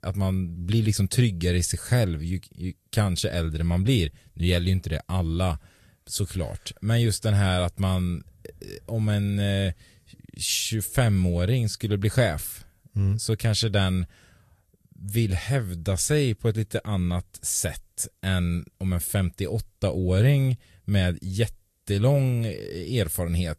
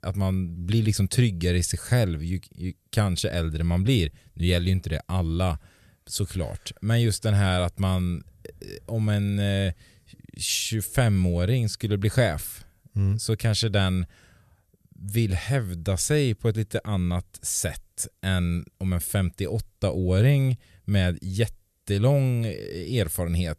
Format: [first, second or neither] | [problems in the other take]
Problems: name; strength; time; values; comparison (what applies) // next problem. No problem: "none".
second | garbled, watery; slightly; nothing above 13.5 kHz